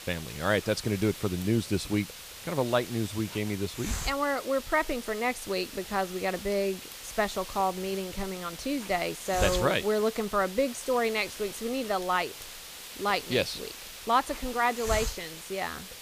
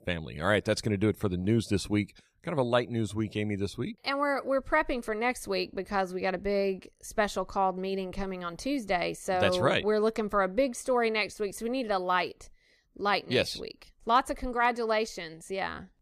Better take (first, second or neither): second